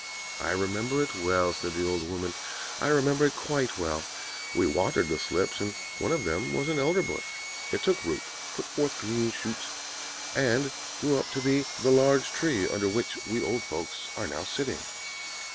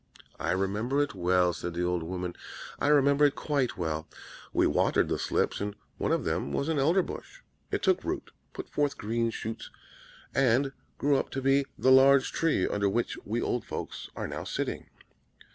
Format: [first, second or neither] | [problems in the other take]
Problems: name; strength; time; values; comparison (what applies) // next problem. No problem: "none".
second | background sound (Sawing); 8 dB below the speech